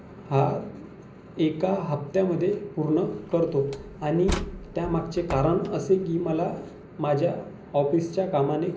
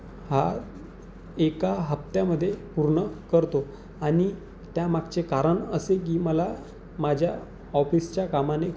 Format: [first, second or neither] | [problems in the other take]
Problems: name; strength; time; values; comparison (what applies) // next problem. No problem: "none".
second | background sound (Slam); 11 dB below the speech // room echo; dies away in 0.5 s